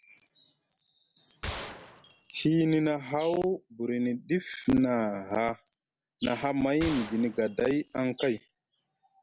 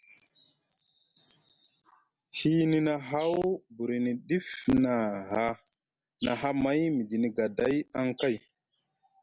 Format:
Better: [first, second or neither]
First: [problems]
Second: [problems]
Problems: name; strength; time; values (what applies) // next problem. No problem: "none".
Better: second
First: background sound (Gunshot, gunfire); 13 dB below the speech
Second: none